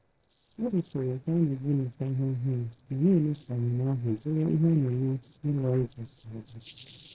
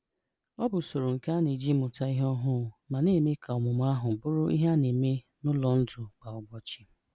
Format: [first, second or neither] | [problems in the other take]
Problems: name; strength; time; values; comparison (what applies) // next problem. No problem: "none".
second | noise reduction (neural separator model SepFormer DNS4)